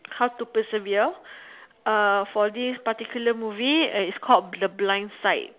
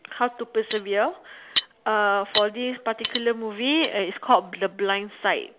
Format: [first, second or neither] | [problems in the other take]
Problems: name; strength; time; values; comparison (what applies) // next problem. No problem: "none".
first | background sound (Cutlery, silverware); 8 dB below the speech